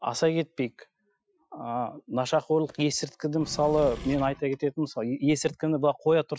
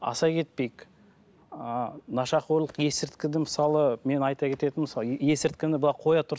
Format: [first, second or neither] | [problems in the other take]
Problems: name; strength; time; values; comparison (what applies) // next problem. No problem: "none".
second | noise reduction (classical method Wiener filter)